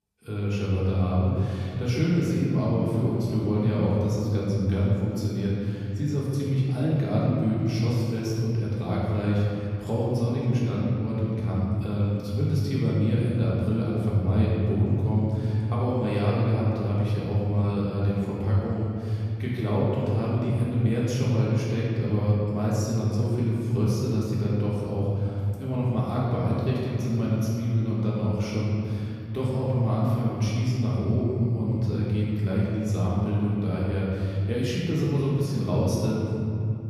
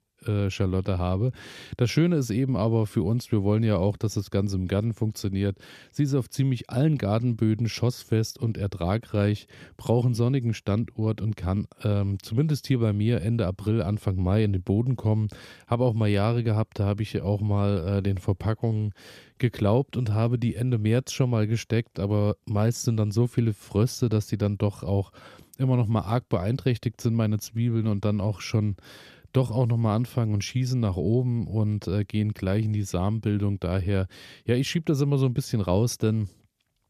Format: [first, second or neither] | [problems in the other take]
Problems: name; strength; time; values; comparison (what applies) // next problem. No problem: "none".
second | room echo; strong; dies away in 2.8 s // off-mic speech; far